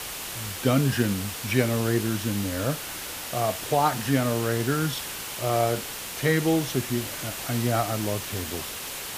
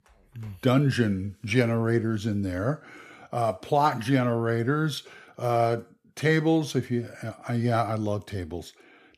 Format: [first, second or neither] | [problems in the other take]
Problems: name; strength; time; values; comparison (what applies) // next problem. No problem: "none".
second | hiss; loud; throughout; 6 dB below the speech